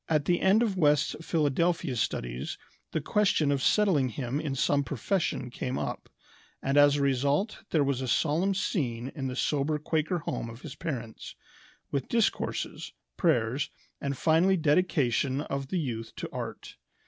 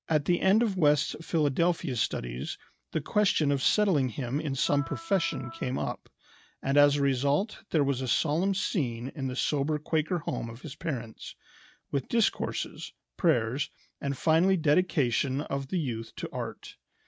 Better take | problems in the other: first | noise reduction (neural mask model RNNoise)

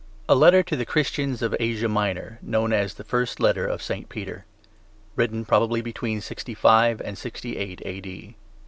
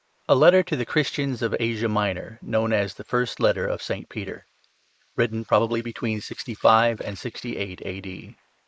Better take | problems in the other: first | noise reduction (neural mask model Resemble Enhance denoiser)

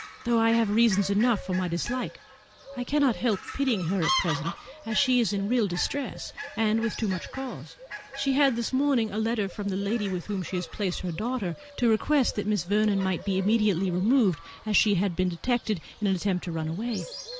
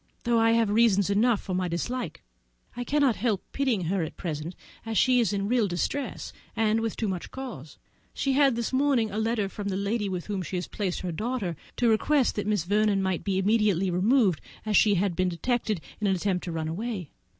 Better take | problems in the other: second | background sound (Fowl); 14 dB below the speech

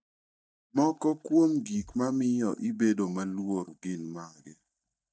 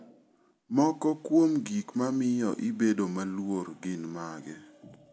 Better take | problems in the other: second | noise reduction (neural mask model DeepFilterNet 3)

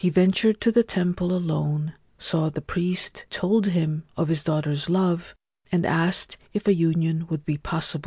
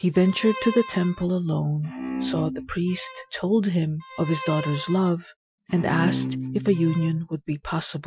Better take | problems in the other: first | noise reduction (classical method Wiener filter)

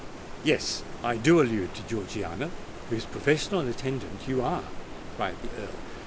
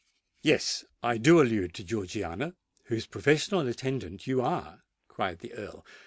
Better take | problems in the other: second | background sound (Stream); 9 dB below the speech

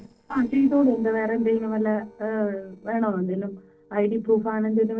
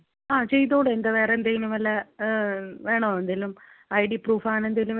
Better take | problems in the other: second | noise reduction (neural separator model SepFormer DNS4)

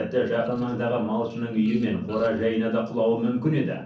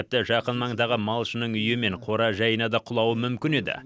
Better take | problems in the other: second | noise reduction (neural separator model SepFormer DNS4)

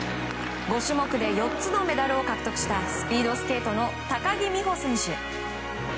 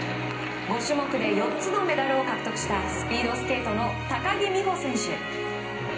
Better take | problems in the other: first | room echo; dies away in 0.5 s

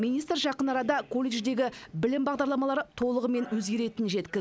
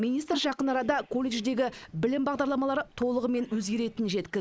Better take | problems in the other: first | noise reduction (neural mask model Resemble Enhance denoiser)

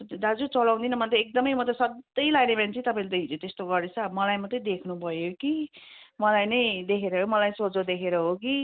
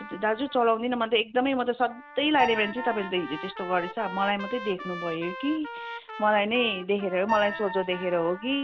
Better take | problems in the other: first | background sound (Trumpet + Piano); 11 dB below the speech

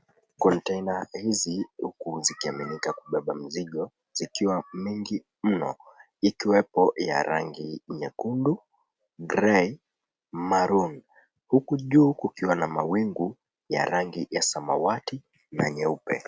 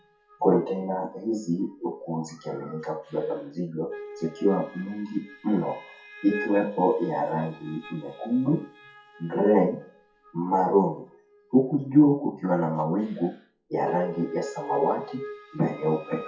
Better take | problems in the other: first | noise reduction (classical method WPE with log-MMSE)

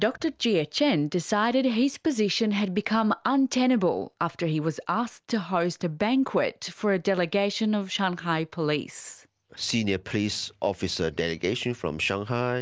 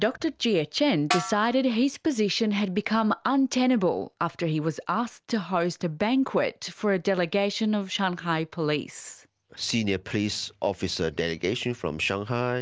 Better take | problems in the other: first | background sound (Snare drum); 6 dB below the speech

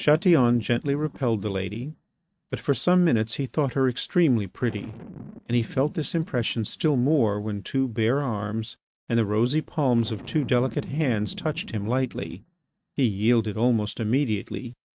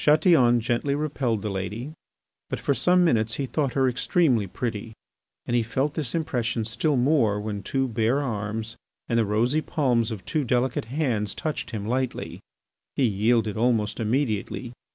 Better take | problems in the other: second | noise reduction (neural mask model RNNoise)

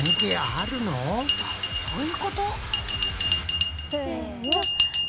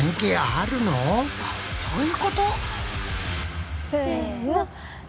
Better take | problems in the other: second | background sound (Bell); 1 dB above the speech

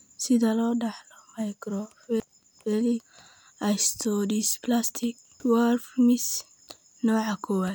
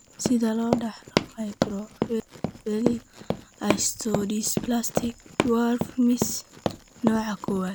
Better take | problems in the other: first | background sound (Run); 3 dB below the speech

